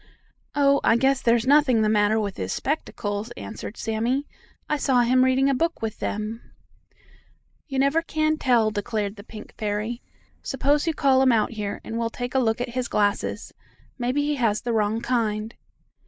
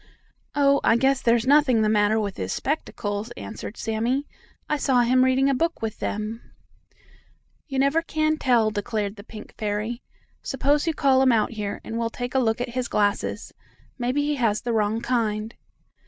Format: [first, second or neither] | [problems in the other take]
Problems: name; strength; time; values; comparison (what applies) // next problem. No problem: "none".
second | noise reduction (neural mask model Resemble Enhance denoiser)